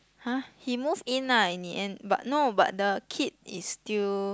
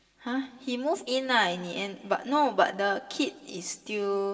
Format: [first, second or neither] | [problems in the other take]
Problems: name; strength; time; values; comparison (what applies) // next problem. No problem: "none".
first | room echo; dies away in 1.4 s